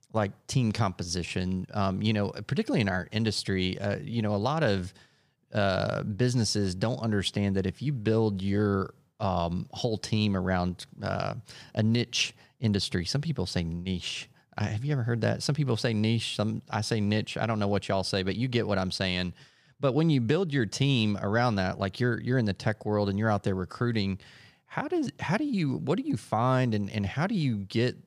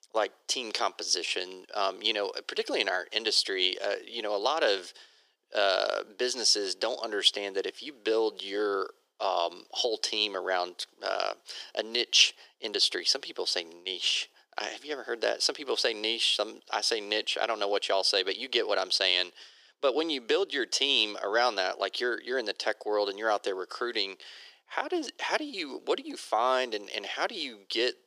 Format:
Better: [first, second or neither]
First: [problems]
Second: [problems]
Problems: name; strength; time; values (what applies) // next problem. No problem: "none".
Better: first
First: none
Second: thin; very; fading below 350 Hz